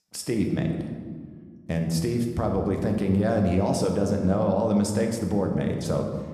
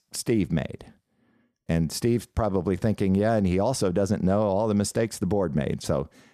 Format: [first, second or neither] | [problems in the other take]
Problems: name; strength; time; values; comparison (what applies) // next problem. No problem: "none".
second | room echo; slight; dies away in 1.3 s